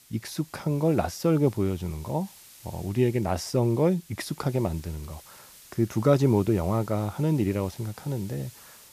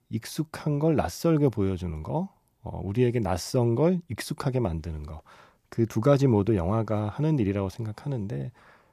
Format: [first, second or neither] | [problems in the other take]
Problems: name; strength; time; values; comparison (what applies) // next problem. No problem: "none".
second | hiss; faint; throughout; 20 dB below the speech